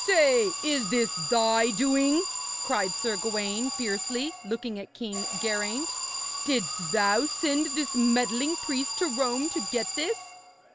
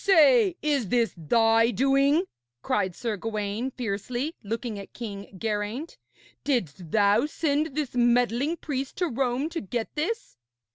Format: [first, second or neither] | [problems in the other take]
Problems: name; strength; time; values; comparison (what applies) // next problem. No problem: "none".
second | background sound (Alarm); 5 dB below the speech